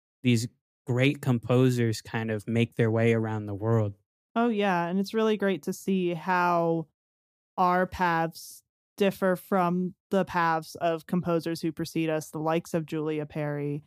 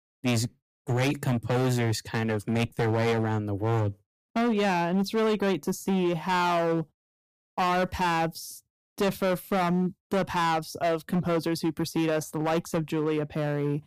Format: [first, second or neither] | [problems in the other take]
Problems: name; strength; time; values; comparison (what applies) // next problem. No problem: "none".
first | distortion; heavy; 16% of the sound clipped